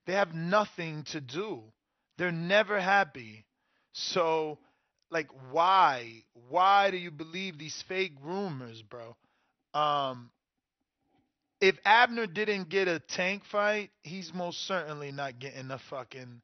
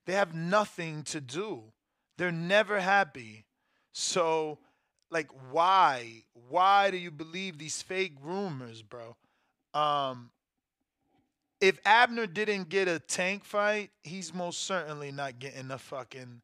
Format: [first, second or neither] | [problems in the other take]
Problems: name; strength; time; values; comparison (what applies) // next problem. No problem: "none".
second | garbled, watery; slightly; nothing above 6 kHz